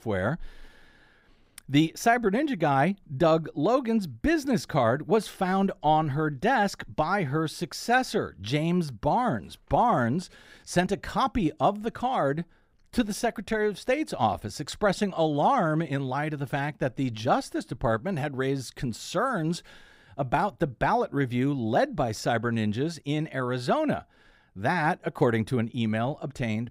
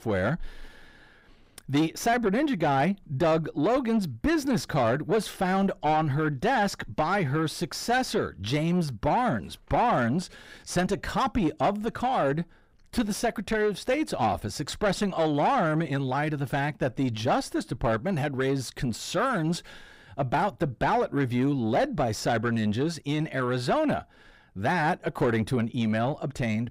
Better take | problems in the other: first | distortion; slight; 10 dB below the speech

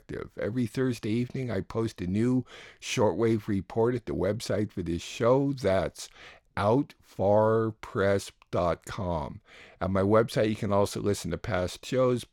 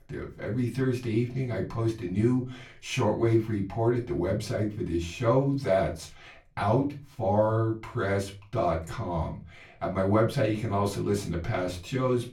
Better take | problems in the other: first | off-mic speech; far // room echo; very slight; dies away in 0.3 s

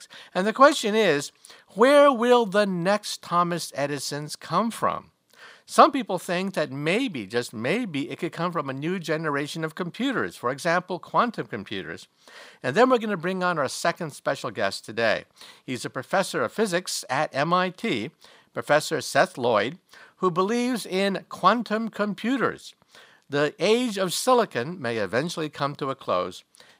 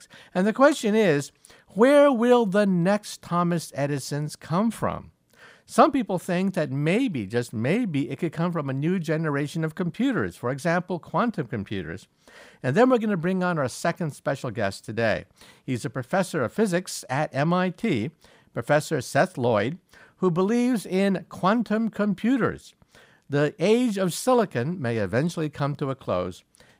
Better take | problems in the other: second | thin; very slightly; fading below 400 Hz

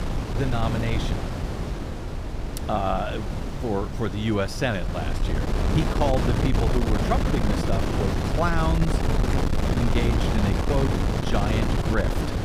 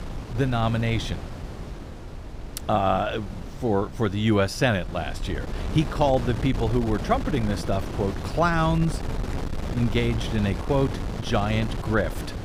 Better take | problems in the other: second | wind noise on the microphone; heavy; 2 dB below the speech; occasional gusts in the second

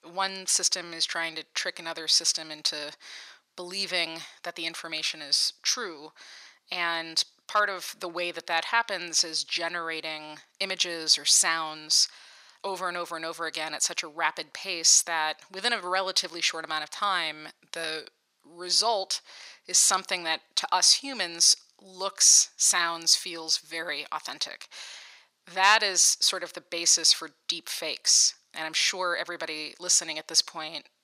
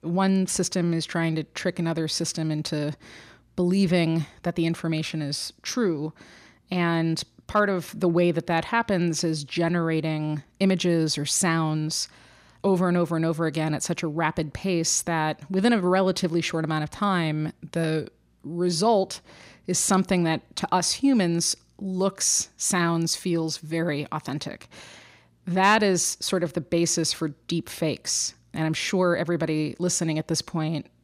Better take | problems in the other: second | thin; very; fading below 900 Hz

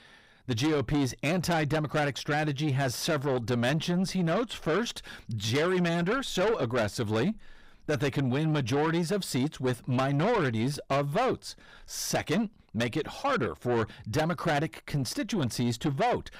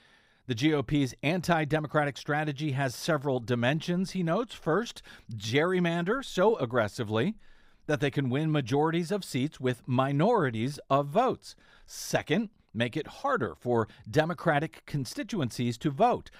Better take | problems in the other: second | distortion; heavy; 7 dB below the speech

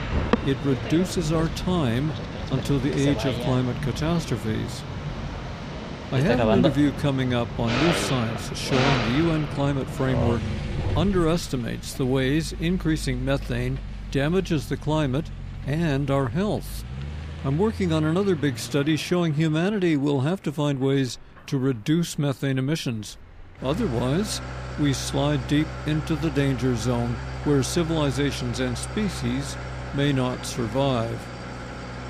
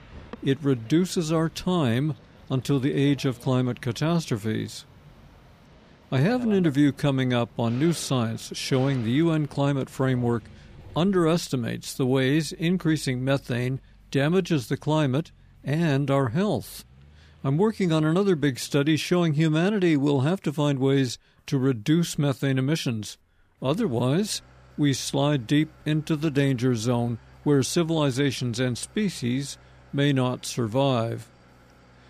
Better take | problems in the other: second | traffic noise; loud; throughout; 6 dB below the speech; faint in the second

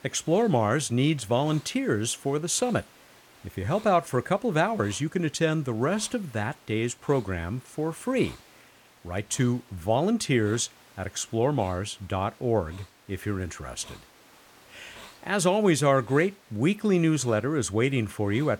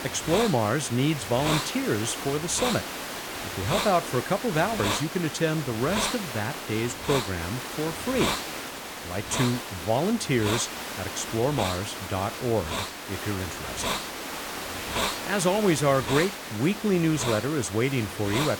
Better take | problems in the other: first | hiss; loud; throughout; 4 dB below the speech; faint in the first

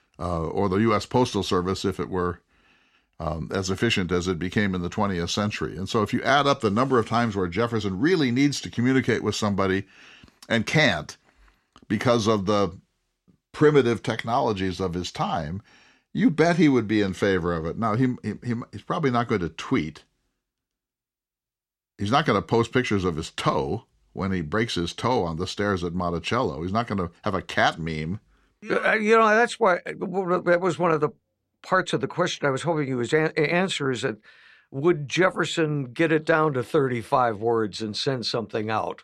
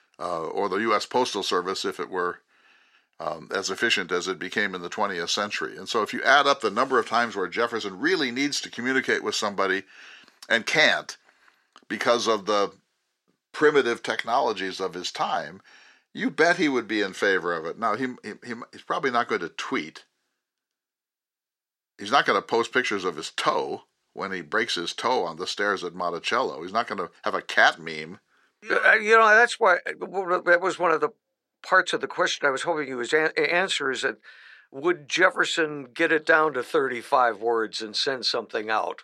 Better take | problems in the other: first | thin; somewhat; fading below 400 Hz

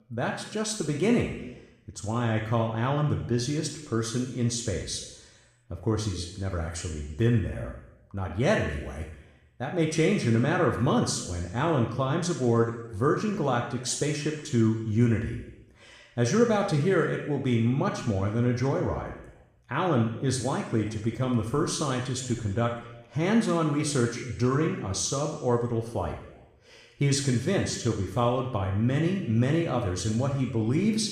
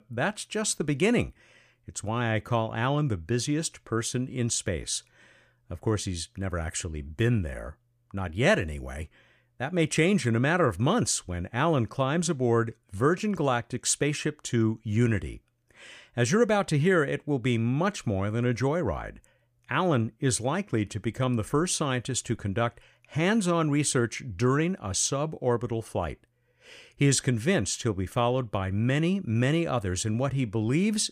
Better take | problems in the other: second | room echo; noticeable; dies away in 0.9 s // off-mic speech; somewhat distant

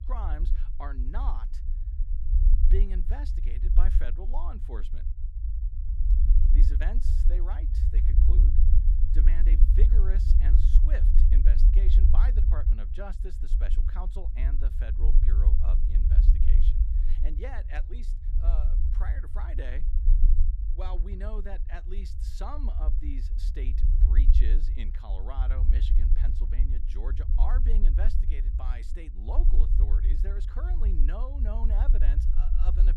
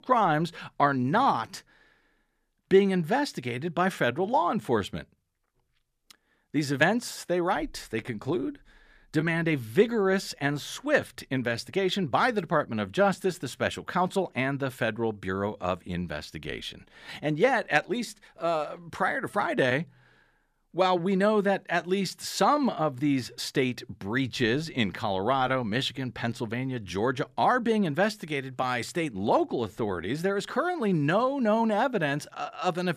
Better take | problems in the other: second | low rumble; loud; throughout; 4 dB below the speech

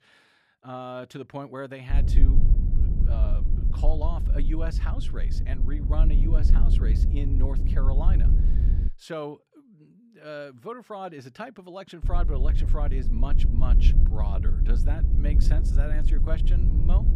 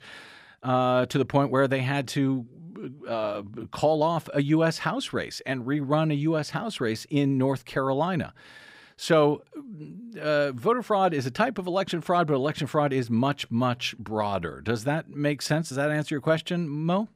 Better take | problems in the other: second | low rumble; loud; from 2 to 9 s and from 12 s on; 5 dB below the speech

